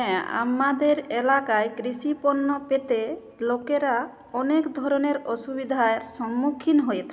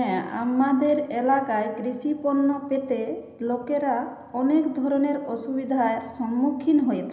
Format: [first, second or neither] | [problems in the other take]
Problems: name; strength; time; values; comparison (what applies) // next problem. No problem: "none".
first | room echo; dies away in 0.9 s